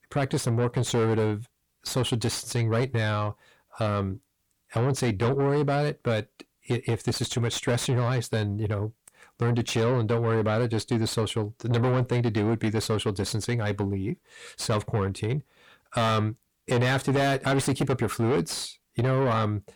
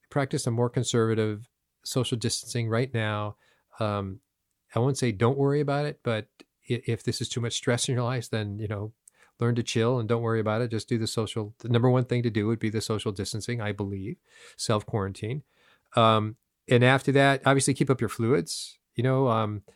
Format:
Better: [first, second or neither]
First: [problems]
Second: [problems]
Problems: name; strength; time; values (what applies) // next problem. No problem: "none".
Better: second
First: distortion; heavy; 7 dB below the speech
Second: none